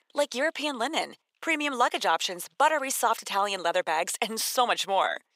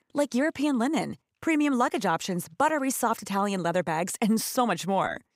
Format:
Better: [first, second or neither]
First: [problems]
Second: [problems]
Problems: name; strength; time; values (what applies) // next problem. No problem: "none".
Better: second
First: thin; somewhat; fading below 600 Hz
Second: none